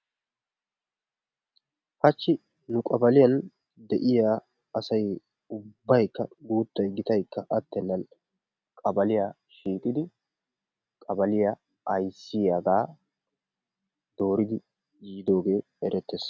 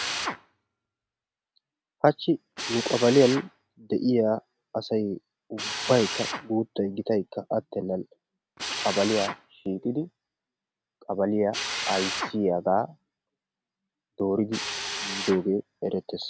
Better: first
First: none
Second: background sound (Drill); 9 dB below the speech

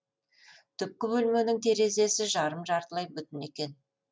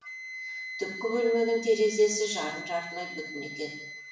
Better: first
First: none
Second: background sound (Wind instrument, woodwind instrument); 11 dB below the speech // room echo; dies away in 0.7 s

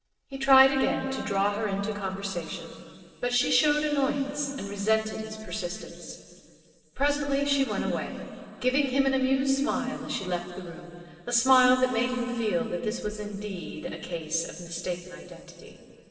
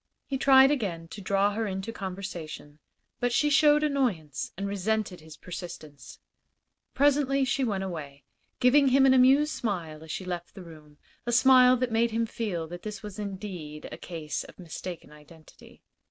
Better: second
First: room echo; dies away in 2.6 s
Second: none

